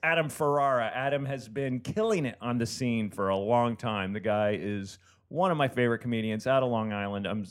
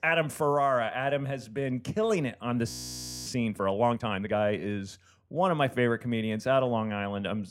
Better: first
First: none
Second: audio freezing; at 2.5 s for 0.5 s

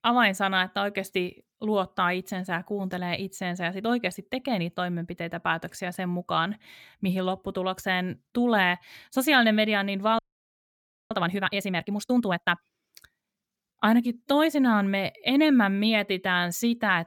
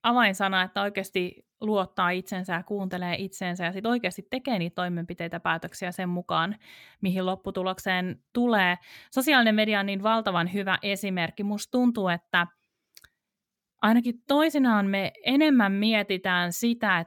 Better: second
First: audio freezing; at 10 s for 1 s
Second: none

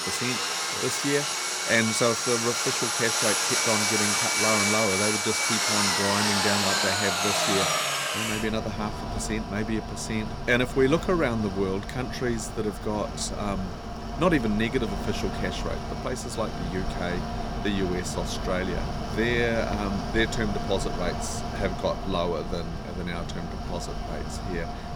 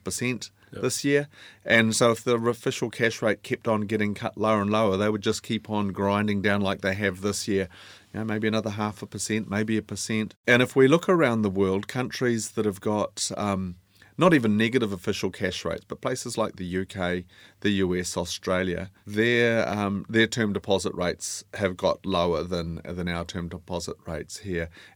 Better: second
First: machinery noise; very loud; throughout; 1 dB above the speech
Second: none

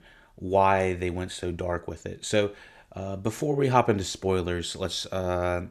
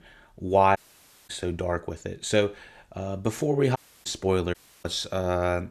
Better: first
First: none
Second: audio cutting out; at 1 s for 0.5 s, at 4 s and at 4.5 s

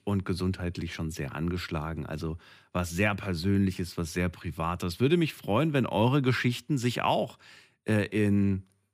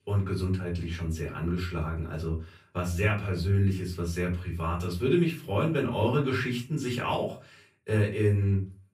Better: first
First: none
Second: off-mic speech; far // room echo; slight; dies away in 0.3 s

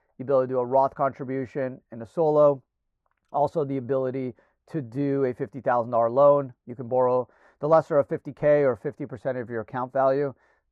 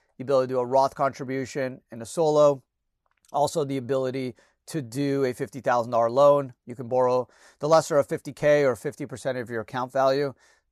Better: second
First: muffled; very; fading above 3 kHz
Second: none

